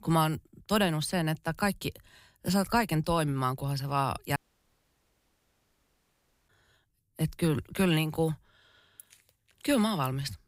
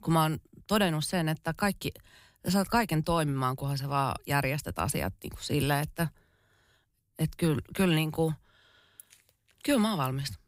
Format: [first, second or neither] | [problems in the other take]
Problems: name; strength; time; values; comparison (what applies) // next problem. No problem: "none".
second | audio cutting out; at 4.5 s for 2 s